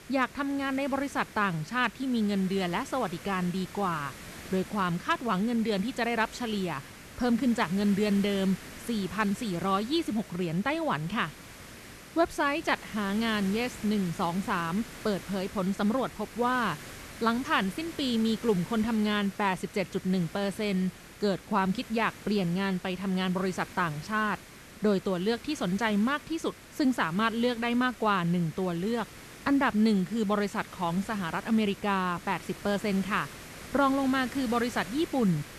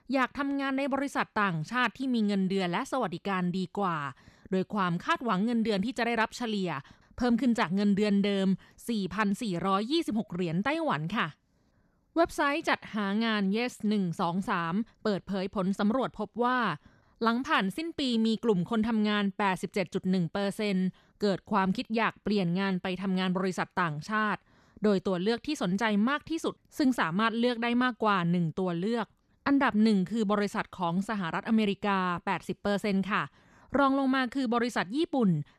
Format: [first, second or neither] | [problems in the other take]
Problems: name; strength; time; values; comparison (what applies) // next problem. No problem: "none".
second | hiss; noticeable; throughout; 15 dB below the speech